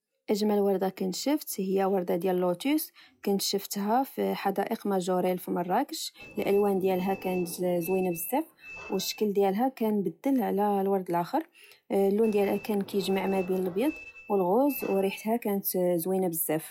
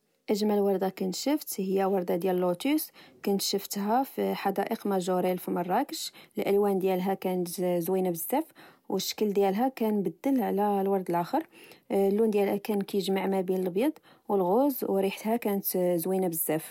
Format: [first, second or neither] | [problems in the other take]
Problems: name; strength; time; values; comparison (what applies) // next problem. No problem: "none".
second | noise reduction (classical method log-MMSE)